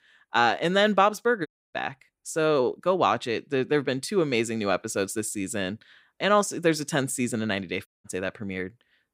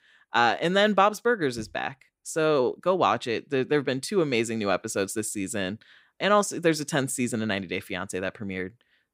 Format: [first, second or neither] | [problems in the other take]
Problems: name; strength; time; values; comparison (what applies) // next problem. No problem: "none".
second | audio cutting out; at 1.5 s and at 8 s